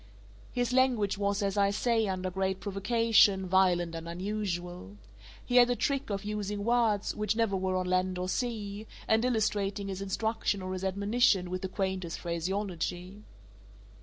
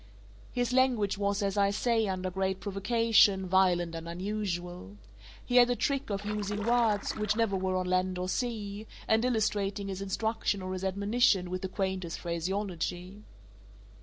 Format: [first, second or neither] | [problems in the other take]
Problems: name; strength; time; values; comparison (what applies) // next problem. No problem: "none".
first | background sound (Stream); 13 dB below the speech